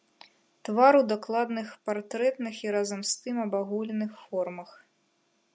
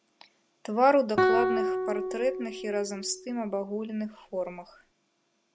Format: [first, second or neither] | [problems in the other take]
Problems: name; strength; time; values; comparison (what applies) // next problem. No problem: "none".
first | background sound (Guitar); 1 dB below the speech